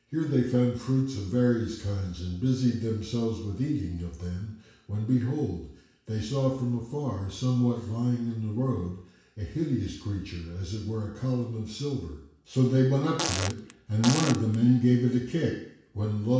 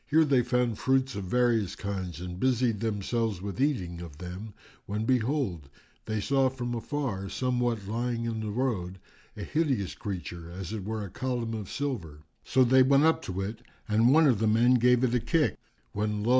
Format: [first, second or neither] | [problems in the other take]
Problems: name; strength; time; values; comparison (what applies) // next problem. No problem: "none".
second | background sound (Fart); 6 dB below the speech // room echo; dies away in 0.7 s